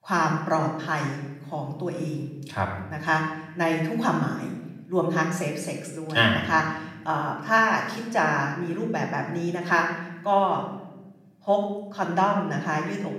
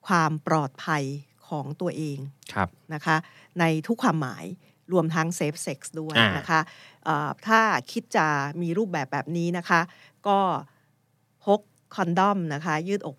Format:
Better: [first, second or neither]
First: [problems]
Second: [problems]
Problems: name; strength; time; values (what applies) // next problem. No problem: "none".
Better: second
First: off-mic speech; far // room echo; noticeable; dies away in 0.9 s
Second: none